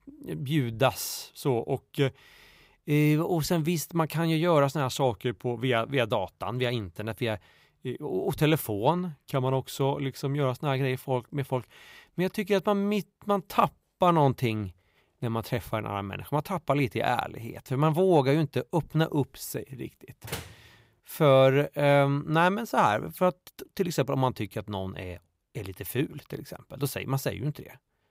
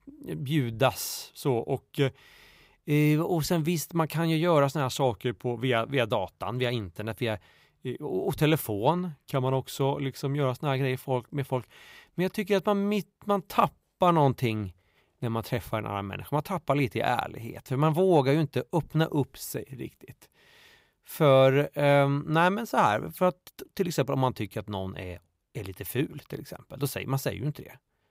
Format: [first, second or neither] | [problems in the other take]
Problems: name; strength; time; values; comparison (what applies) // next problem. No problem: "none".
second | door banging; faint; at 20 s; peak 10 dB below the speech